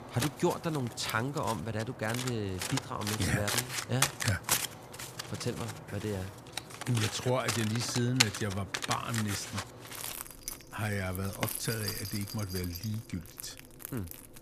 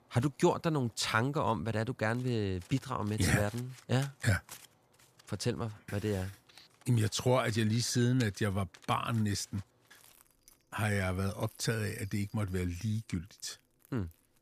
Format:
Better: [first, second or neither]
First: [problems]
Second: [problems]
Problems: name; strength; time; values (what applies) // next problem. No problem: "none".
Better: second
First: household noises; loud; throughout; 1 dB below the speech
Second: household noises; faint; throughout; 25 dB below the speech